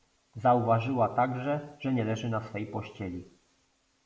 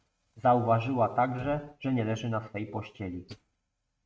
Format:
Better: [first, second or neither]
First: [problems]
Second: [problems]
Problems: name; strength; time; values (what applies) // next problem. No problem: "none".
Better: first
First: none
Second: noise reduction (neural mask model RNNoise)